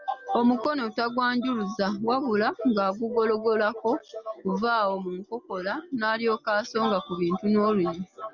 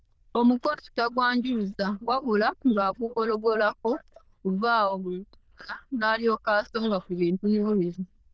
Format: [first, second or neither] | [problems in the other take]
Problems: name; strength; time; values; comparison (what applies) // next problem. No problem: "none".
first | noise reduction (neural diffusion model UNIVERSE++)